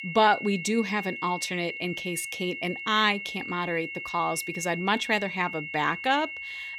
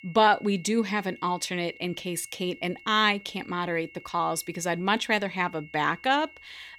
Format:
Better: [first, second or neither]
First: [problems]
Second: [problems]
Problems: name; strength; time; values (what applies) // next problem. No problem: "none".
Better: second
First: high-pitched whine; loud; throughout; 2 kHz, 7 dB below the speech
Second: high-pitched whine; faint; throughout; 2 kHz, 20 dB below the speech